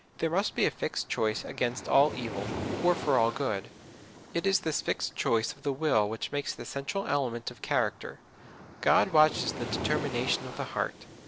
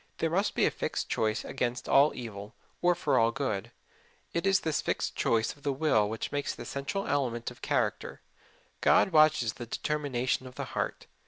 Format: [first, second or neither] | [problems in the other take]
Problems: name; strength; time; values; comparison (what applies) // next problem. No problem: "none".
second | background sound (Waves, surf); 11 dB below the speech